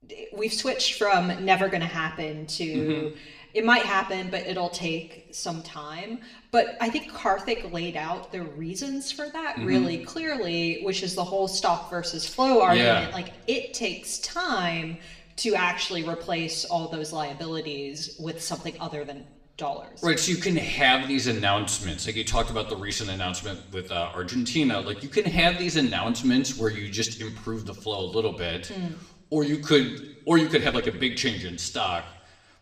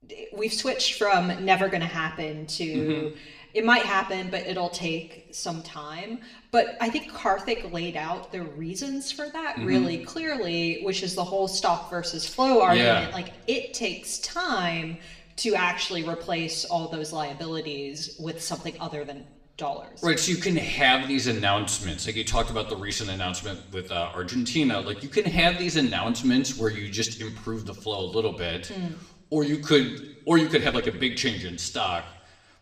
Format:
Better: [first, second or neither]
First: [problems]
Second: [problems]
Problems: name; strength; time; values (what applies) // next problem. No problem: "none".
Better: neither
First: room echo; very slight; dies away in 0.7 s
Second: room echo; very slight; dies away in 0.7 s